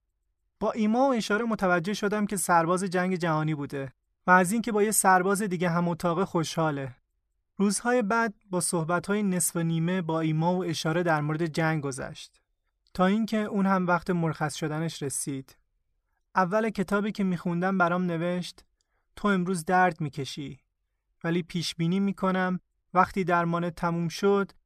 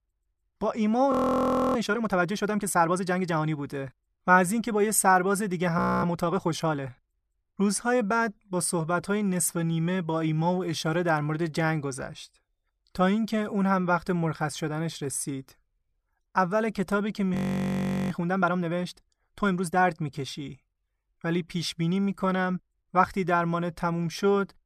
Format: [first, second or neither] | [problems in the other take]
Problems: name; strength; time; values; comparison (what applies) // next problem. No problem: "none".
first | audio freezing; at 1 s for 0.5 s, at 6 s and at 17 s for 1 s